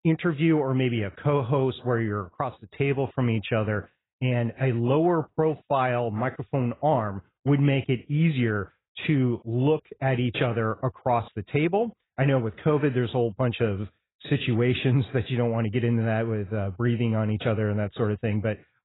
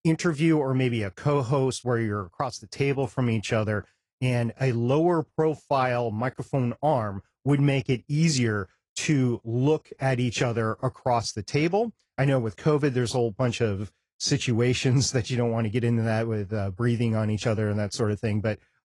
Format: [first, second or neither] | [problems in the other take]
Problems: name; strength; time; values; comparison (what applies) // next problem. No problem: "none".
second | garbled, watery; badly; nothing above 4 kHz; slightly in the second